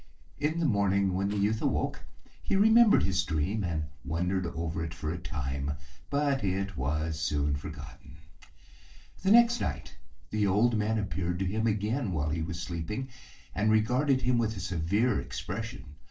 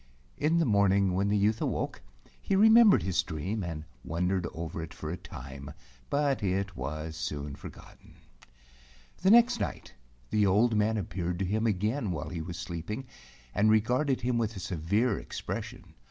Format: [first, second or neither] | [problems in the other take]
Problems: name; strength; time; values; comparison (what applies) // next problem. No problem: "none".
second | noise reduction (neural separator model SepFormer DNS4)